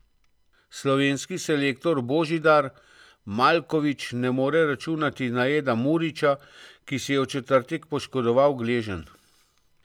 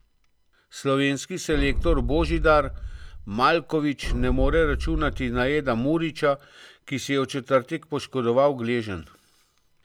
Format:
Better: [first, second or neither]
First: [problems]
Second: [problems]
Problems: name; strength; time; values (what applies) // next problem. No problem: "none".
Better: first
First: none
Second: background sound (Boom); 3 dB below the speech